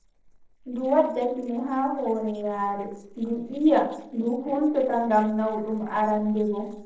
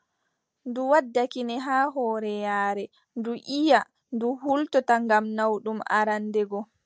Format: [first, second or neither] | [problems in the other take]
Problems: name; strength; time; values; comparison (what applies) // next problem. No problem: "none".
second | noise reduction (neural separator model SepFormer DNS4)